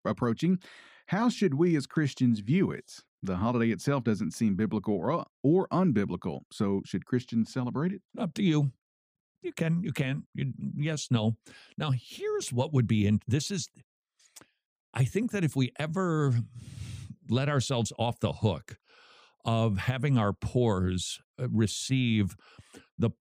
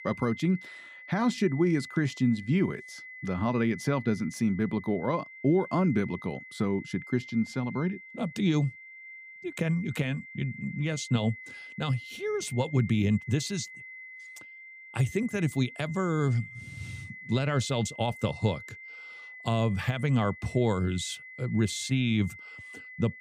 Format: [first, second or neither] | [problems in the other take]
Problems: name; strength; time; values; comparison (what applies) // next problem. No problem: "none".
first | high-pitched whine; noticeable; throughout; 2 kHz, 15 dB below the speech